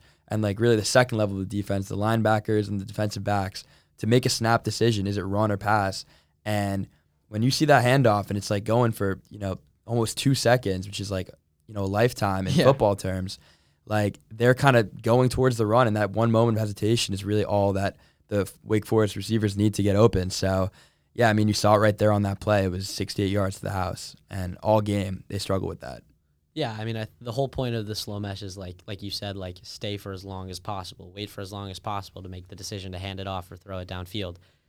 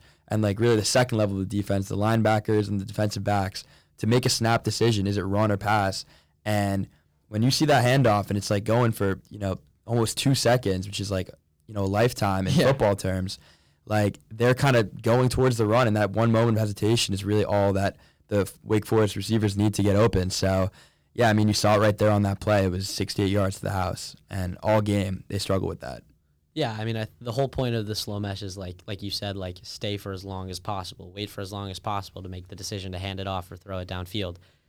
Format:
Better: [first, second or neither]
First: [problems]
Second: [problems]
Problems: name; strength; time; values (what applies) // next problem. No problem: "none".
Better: first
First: none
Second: distortion; slight; 4% of the sound clipped